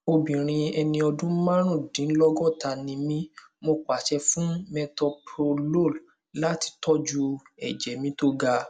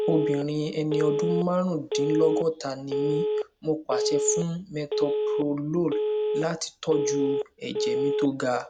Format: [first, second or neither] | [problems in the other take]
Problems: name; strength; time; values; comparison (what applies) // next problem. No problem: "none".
first | background sound (Telephone); as loud as the speech